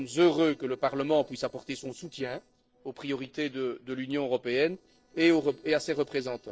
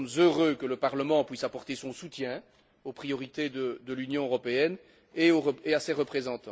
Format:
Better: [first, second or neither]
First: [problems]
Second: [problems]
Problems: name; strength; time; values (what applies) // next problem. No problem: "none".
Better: second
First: noise reduction (neural separator model SepFormer DNS4)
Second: none